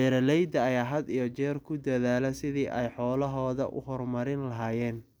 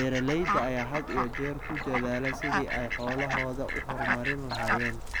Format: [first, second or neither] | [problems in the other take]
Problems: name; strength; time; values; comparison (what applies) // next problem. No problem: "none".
first | background sound (Fowl); as loud as the speech